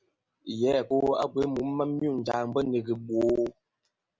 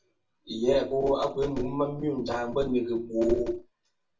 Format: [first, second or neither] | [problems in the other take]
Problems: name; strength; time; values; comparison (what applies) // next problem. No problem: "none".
first | room echo; dies away in 0.3 s